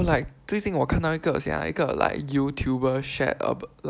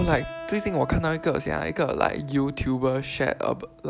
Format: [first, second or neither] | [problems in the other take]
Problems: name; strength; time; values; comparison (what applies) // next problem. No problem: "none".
first | background sound (Keyboard (musical)); 15 dB below the speech